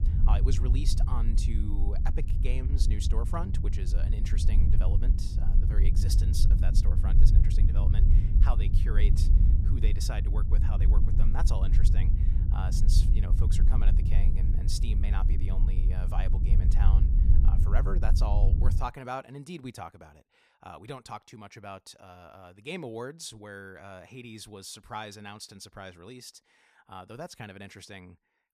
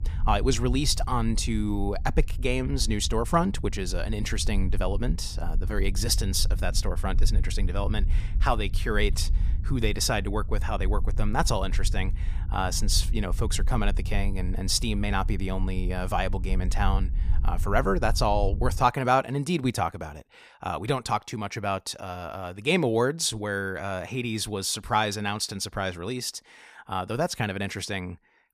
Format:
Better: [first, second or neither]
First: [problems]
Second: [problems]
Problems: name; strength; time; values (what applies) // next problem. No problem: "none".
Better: second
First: low rumble; loud; until 19 s; 4 dB below the speech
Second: low rumble; faint; until 19 s; 20 dB below the speech